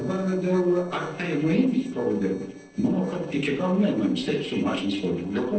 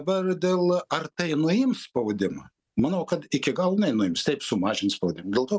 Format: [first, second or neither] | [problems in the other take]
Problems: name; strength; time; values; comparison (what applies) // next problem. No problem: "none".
second | noise reduction (neural separator model SepFormer DNS4)